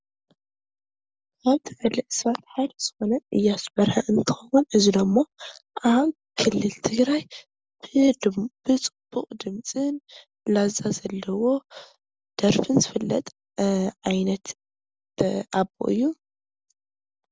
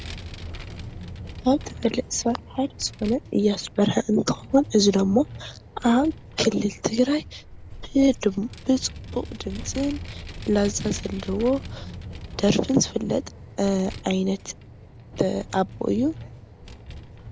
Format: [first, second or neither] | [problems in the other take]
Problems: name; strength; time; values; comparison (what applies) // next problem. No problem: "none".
first | background sound (Vehicle); 13 dB below the speech